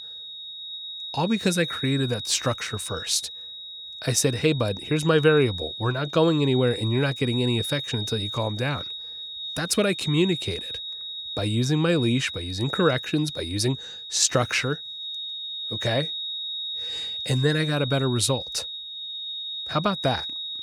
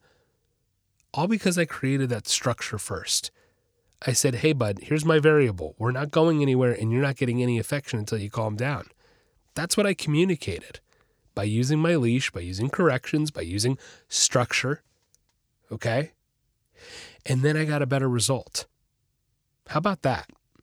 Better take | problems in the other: second | high-pitched whine; loud; throughout; 4 kHz, 7 dB below the speech

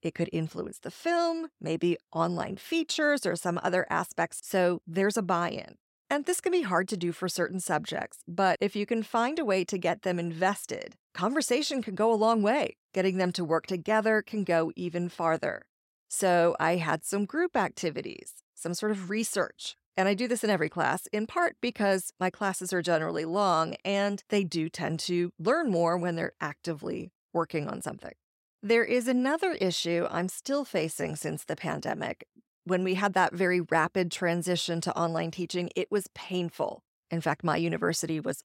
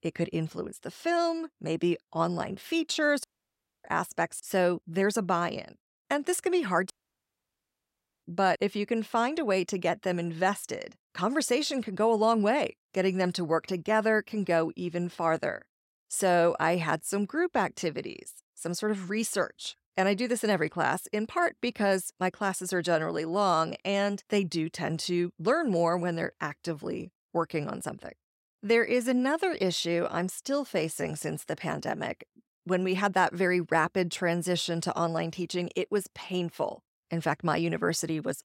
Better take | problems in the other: first | audio cutting out; at 3 s for 0.5 s and at 7 s for 1.5 s

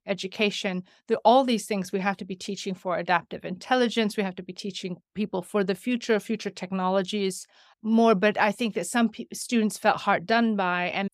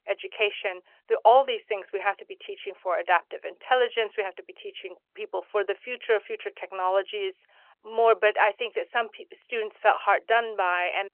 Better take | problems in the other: first | phone-call audio; nothing above 3 kHz

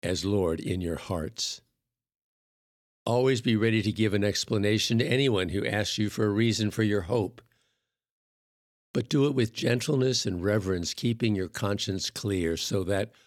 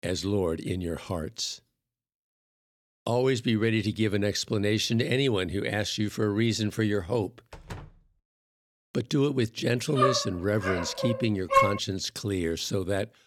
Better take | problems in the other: first | door banging; faint; at 7.5 s; peak 15 dB below the speech // dog barking; loud; from 10 to 12 s; peak 5 dB above the speech

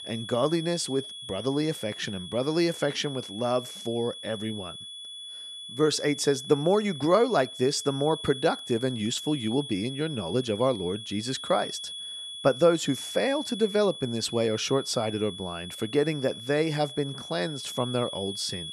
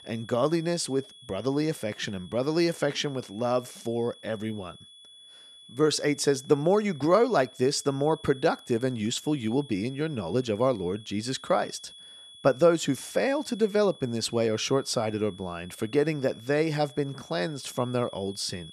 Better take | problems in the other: second | high-pitched whine; loud; throughout; 3.5 kHz, 10 dB below the speech; faint in the second

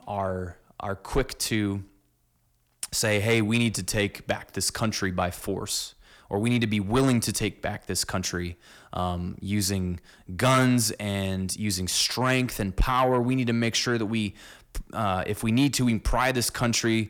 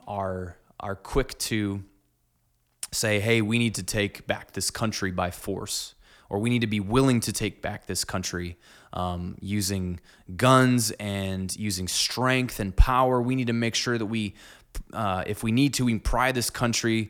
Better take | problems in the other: second | distortion; slight; 10 dB below the speech

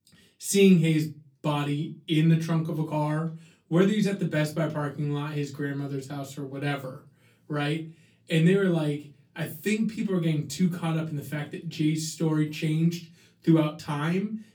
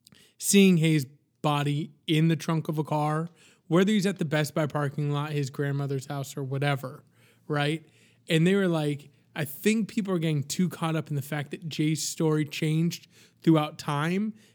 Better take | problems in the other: second | off-mic speech; far // room echo; very slight; dies away in 0.2 s

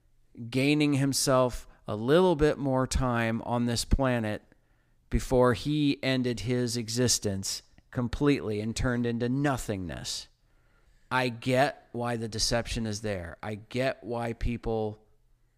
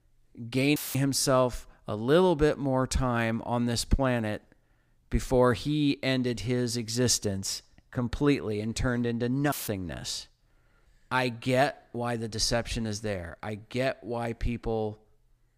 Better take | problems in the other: first | audio cutting out; filled with static; at 1 s and at 9.5 s

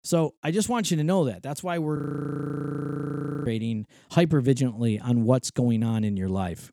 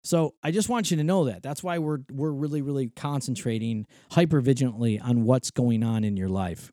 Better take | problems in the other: second | audio freezing; at 2 s for 1.5 s

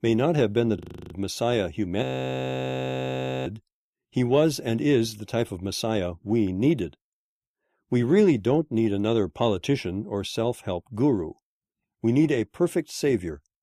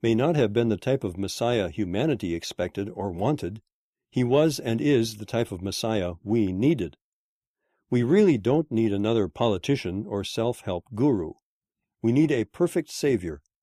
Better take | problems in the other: second | audio freezing; at 1 s and at 2 s for 1.5 s

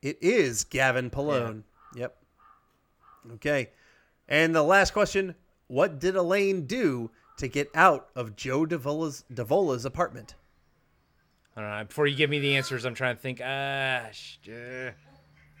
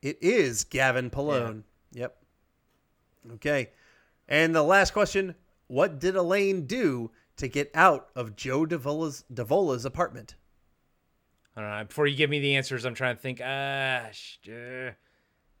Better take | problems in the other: second | animal sounds; faint; throughout; 30 dB below the speech

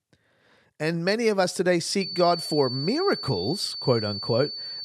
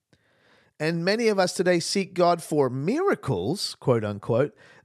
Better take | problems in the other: second | high-pitched whine; loud; from 2 s on; 4.5 kHz, 6 dB below the speech

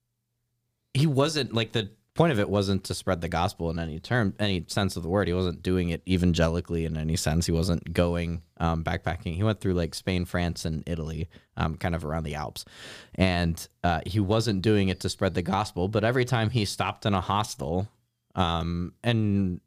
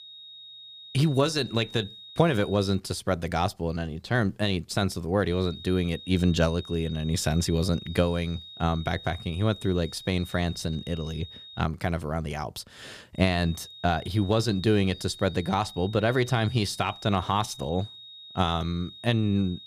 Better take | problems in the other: first | high-pitched whine; noticeable; until 3 s, from 5.5 to 12 s and from 13 s on; 3.5 kHz, 15 dB below the speech

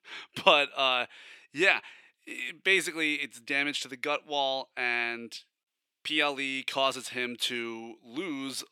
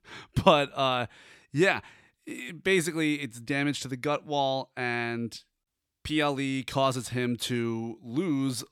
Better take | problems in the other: second | thin; somewhat; fading below 350 Hz

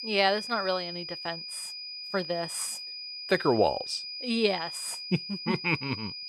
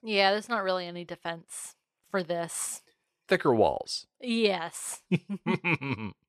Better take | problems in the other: second | high-pitched whine; loud; throughout; 5 kHz, 6 dB below the speech

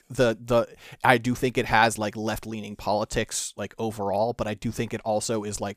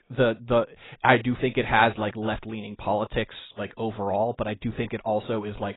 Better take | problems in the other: first | garbled, watery; badly; nothing above 4 kHz

